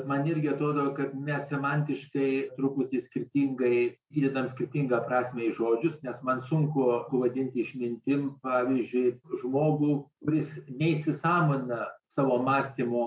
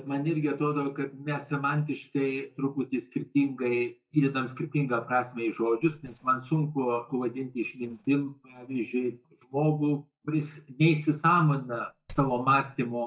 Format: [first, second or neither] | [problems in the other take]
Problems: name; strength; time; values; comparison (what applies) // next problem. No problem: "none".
first | noise reduction (neural mask model DeepFilterNet 3)